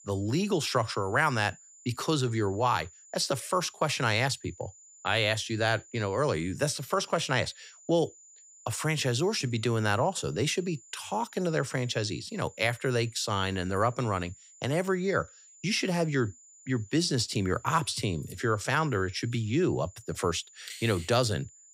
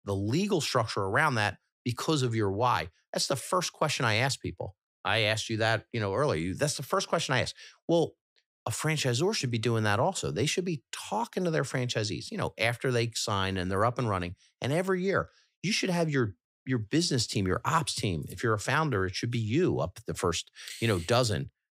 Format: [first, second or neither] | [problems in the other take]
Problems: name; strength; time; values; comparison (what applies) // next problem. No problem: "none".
second | high-pitched whine; faint; throughout; 7 kHz, 25 dB below the speech